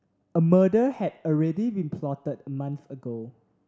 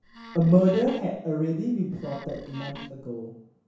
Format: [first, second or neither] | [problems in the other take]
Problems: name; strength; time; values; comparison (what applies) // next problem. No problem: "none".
first | background sound (Wood); 18 dB below the speech // room echo; dies away in 0.7 s